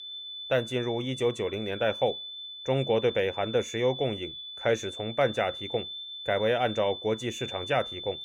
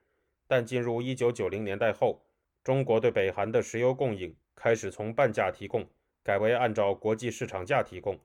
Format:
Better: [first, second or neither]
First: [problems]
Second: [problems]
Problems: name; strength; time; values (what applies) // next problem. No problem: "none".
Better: second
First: high-pitched whine; loud; throughout; 3.5 kHz, 9 dB below the speech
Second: none